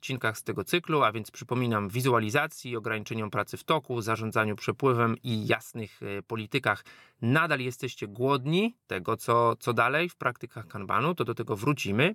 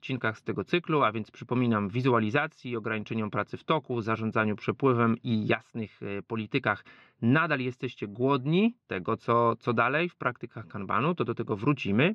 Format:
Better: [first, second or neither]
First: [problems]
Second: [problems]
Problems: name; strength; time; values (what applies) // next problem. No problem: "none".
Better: first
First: none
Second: muffled; slightly; fading above 3.5 kHz